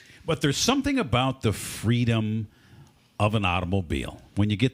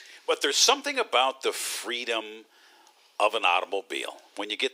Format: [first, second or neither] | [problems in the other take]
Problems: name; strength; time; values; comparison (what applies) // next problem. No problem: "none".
first | thin; very; fading below 400 Hz